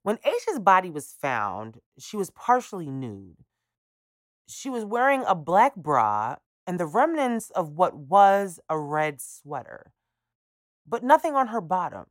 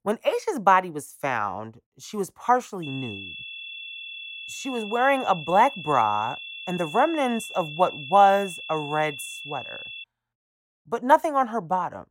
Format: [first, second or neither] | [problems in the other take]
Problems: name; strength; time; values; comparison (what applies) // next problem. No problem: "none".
first | high-pitched whine; noticeable; from 3 to 10 s; 2.5 kHz, 10 dB below the speech